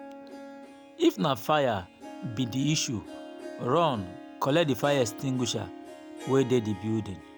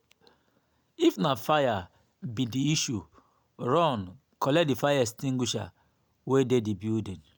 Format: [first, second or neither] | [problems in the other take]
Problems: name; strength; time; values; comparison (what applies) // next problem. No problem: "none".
second | background sound (Harp); 15 dB below the speech